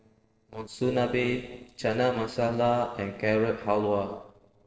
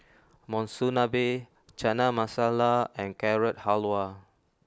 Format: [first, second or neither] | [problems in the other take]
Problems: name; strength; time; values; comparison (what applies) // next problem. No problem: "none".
second | noise reduction (neural separator model SepFormer DNS4)